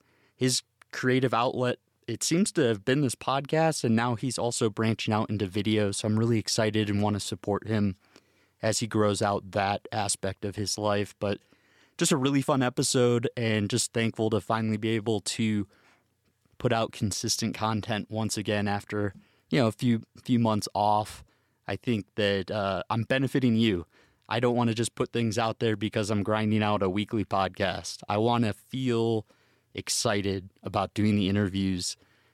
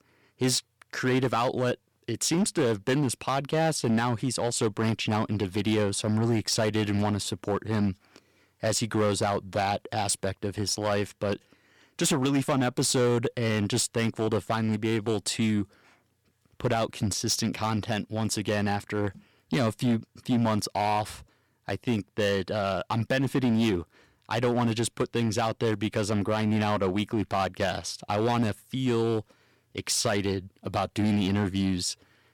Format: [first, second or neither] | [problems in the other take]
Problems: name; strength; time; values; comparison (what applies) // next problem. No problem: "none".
first | distortion; slight; 7% of the sound clipped